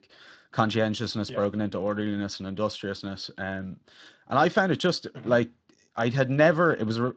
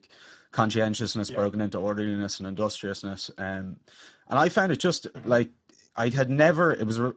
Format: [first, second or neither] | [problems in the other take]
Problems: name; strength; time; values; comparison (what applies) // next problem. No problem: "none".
first | garbled, watery; badly; nothing above 7.5 kHz; slightly in the first